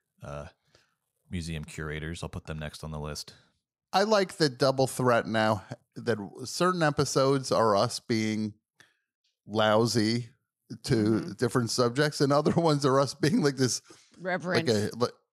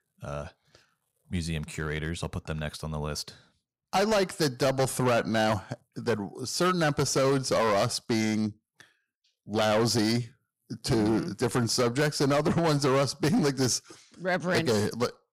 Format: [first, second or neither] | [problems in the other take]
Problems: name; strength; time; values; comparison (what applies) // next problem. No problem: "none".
first | distortion; heavy; 10% of the sound clipped